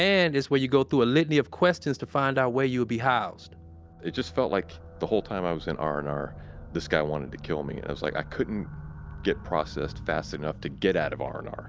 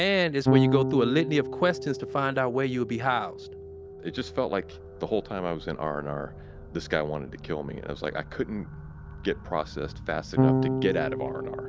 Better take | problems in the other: first | background sound (Electric guitar / Bass guitar); 3 dB below the speech

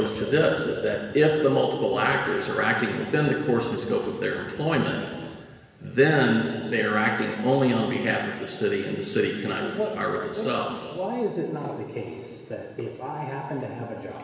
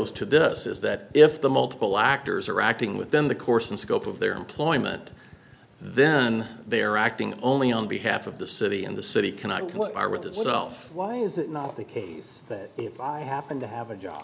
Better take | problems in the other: second | room echo; dies away in 1.6 s

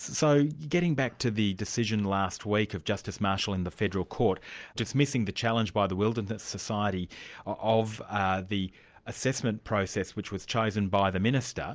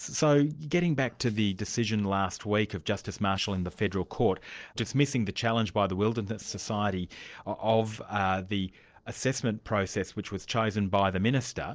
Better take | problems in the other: first | noise reduction (neural separator model SepFormer DNS4)

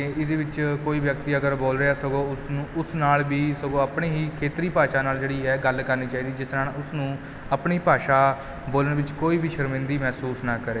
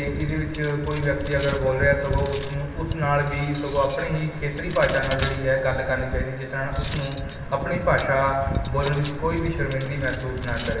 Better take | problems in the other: first | background sound (Cutlery, silverware); 6 dB below the speech // room echo; dies away in 1.1 s

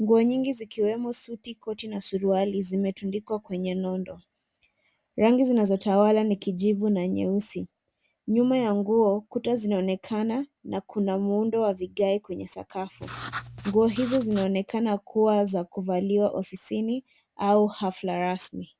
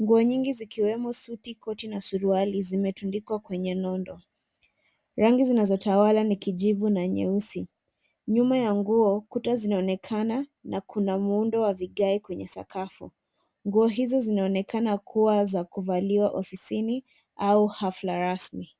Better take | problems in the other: second | background sound (Writing); 13 dB below the speech

